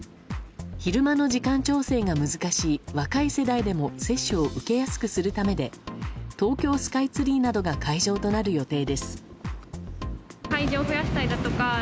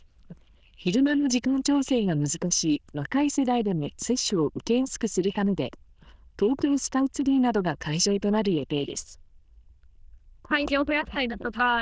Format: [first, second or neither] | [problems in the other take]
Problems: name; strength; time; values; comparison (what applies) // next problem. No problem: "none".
first | noise reduction (neural diffusion model UNIVERSE++)